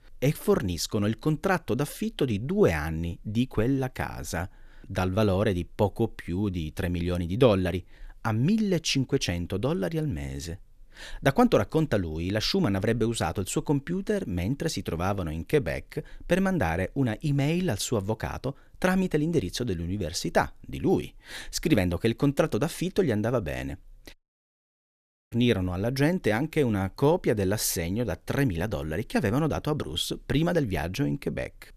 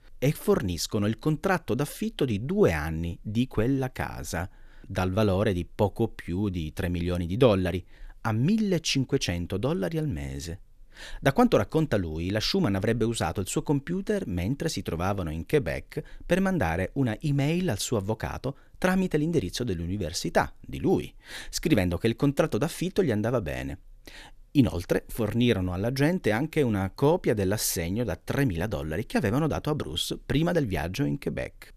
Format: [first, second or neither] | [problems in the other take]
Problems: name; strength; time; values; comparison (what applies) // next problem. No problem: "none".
second | audio cutting out; at 24 s for 1 s